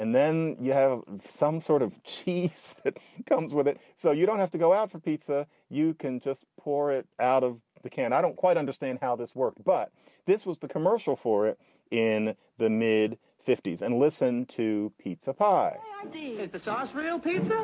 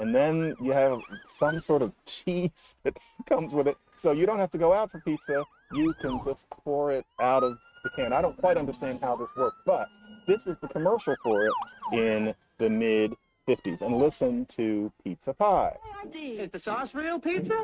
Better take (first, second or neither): first